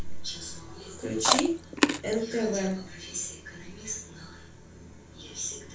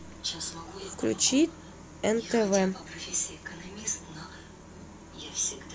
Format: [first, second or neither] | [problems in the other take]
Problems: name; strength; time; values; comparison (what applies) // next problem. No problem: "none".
second | background sound (Chewing, mastication); 4 dB above the speech // room echo; dies away in 0.3 s